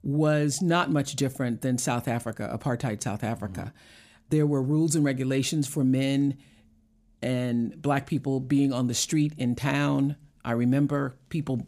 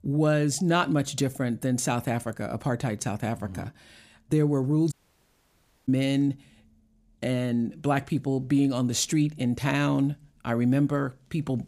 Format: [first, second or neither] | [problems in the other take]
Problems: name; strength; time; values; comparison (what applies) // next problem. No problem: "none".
first | audio cutting out; at 5 s for 1 s